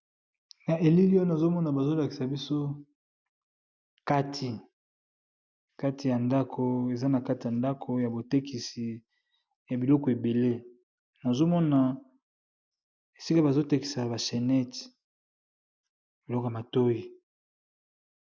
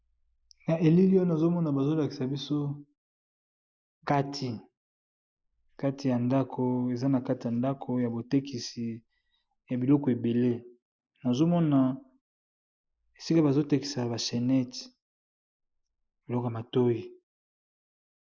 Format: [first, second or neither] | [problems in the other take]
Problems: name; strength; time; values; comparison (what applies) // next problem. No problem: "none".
first | noise reduction (neural mask model Resemble Enhance denoiser)